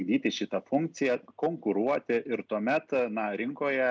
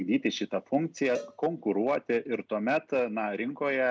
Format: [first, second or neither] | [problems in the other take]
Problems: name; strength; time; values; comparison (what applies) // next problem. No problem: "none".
first | background sound (Cowbell); 18 dB below the speech